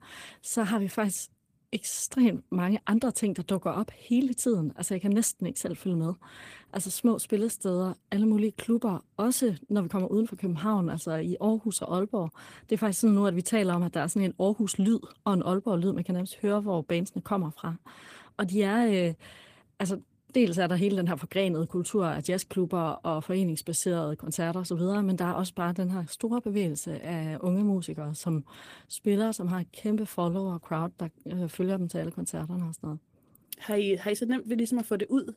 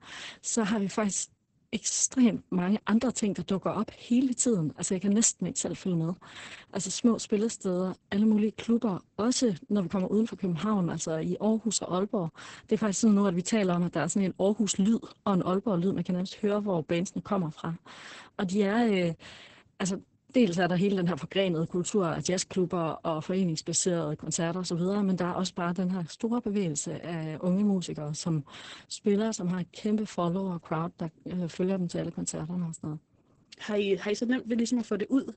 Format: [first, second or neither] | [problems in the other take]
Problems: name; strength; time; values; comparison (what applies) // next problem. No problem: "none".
first | garbled, watery; badly; nothing above 8 kHz; slightly in the first